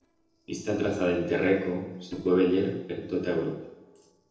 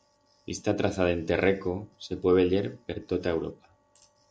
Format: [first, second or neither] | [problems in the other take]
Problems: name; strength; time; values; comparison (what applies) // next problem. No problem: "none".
second | noise reduction (neural separator model SepFormer DNS4)